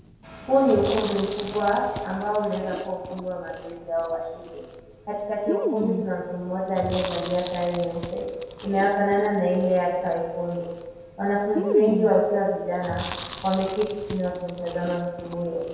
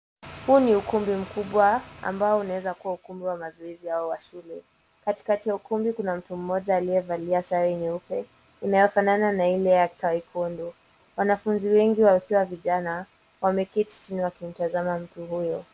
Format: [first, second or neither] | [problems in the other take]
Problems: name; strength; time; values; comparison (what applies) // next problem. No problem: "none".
second | background sound (Chewing, mastication); 10 dB below the speech // room echo; dies away in 1 s